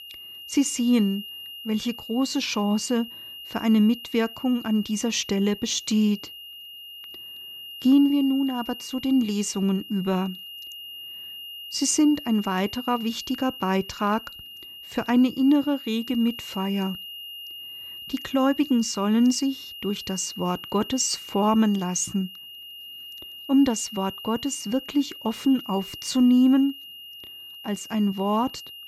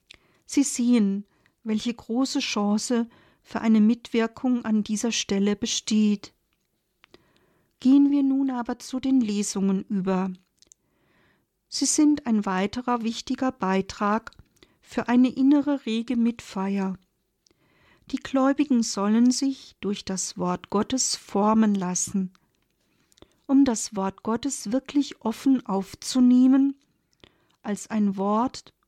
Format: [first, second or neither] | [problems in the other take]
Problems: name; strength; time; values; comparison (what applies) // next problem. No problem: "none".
second | high-pitched whine; noticeable; throughout; 3 kHz, 15 dB below the speech